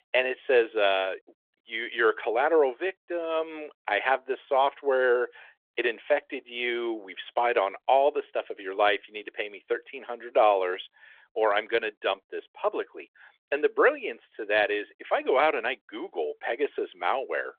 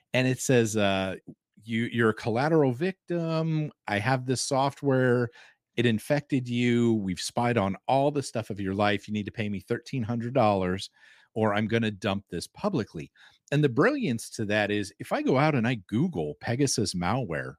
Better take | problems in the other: second | phone-call audio; nothing above 3.5 kHz

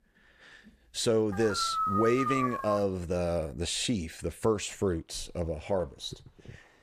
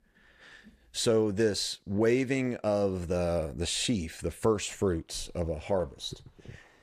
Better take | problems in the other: second | dog barking; loud; from 1.5 to 3 s; peak 1 dB above the speech

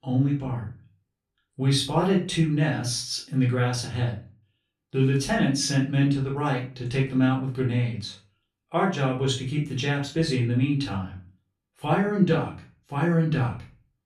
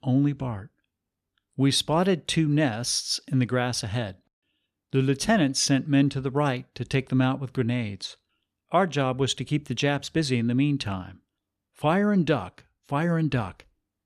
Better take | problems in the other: second | off-mic speech; far // room echo; slight; dies away in 0.3 s

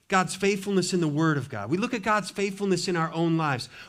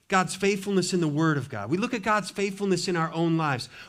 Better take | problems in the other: neither | none

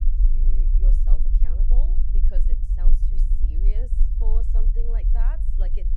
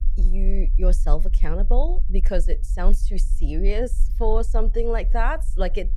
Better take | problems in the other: second | low rumble; loud; throughout; 2 dB below the speech; faint in the second

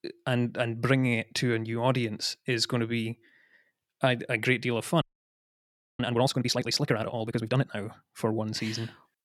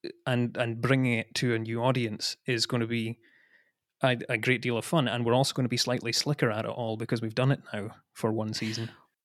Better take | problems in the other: second | audio freezing; at 5 s for 1 s

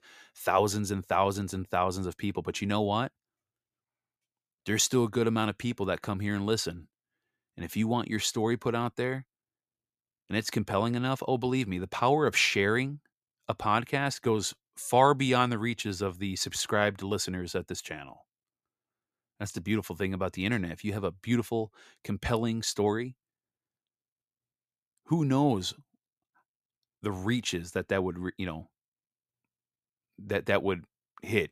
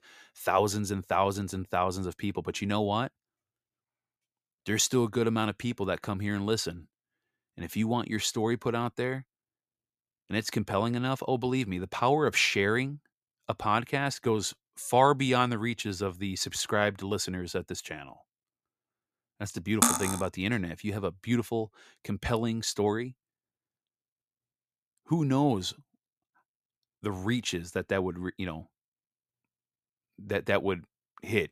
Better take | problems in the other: first | clattering dishes; loud; at 20 s; peak 5 dB above the speech

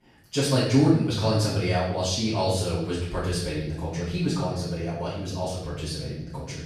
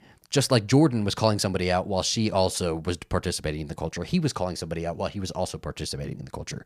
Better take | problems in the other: second | off-mic speech; far // room echo; noticeable; dies away in 0.8 s

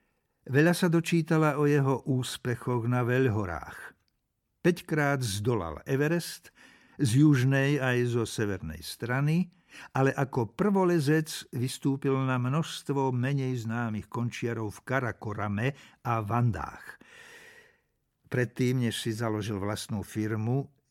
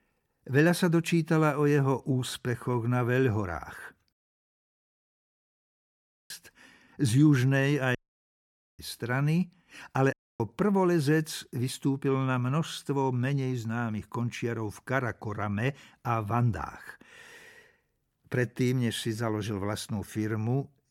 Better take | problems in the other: first | audio cutting out; at 4 s for 2 s, at 8 s for 1 s and at 10 s

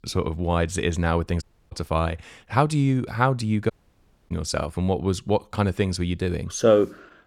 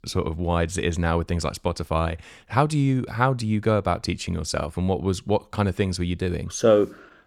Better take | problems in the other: second | audio cutting out; at 1.5 s and at 3.5 s for 0.5 s

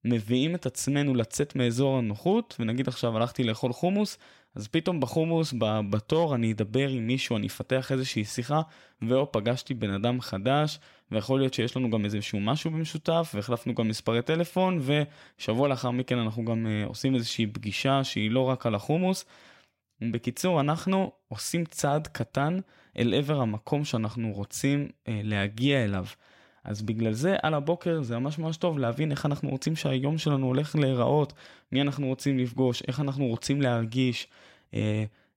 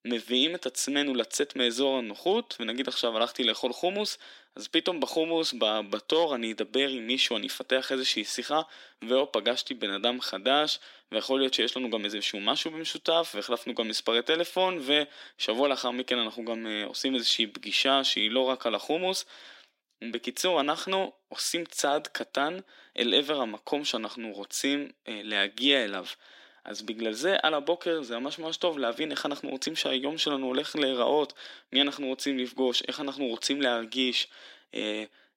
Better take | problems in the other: first | thin; somewhat; fading below 250 Hz

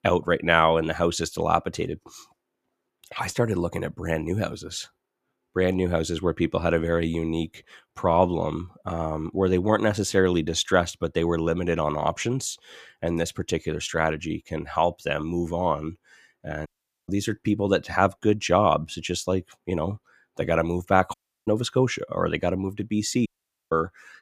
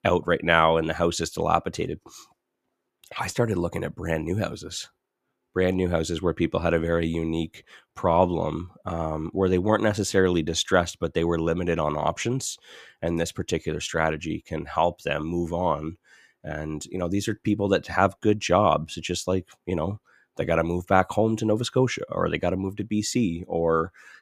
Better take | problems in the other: second | audio cutting out; at 17 s, at 21 s and at 23 s

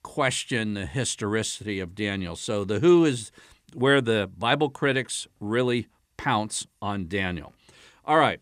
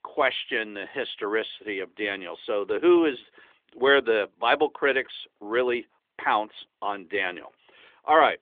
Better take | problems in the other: first | phone-call audio; nothing above 3.5 kHz

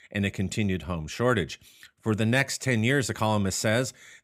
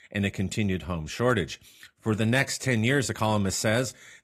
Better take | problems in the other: first | garbled, watery; slightly; nothing above 15.5 kHz

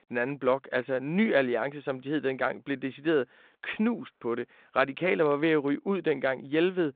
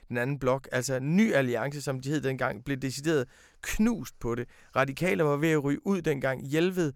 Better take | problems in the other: second | phone-call audio; nothing above 3.5 kHz

